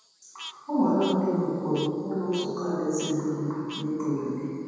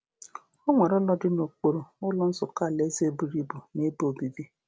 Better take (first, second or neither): second